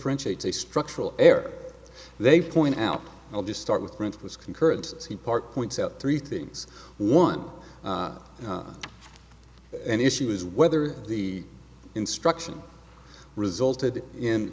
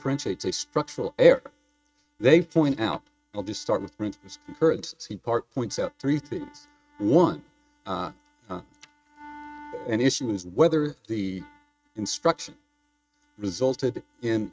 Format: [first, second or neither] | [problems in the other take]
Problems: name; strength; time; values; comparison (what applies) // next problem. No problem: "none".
first | noise reduction (neural mask model RNNoise)